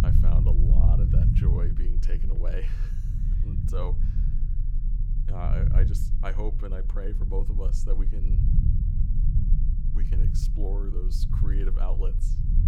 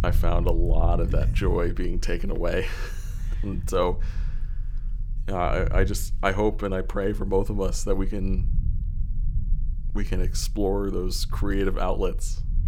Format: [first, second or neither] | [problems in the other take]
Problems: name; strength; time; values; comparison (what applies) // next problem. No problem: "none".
second | low rumble; loud; throughout; 2 dB below the speech; faint in the second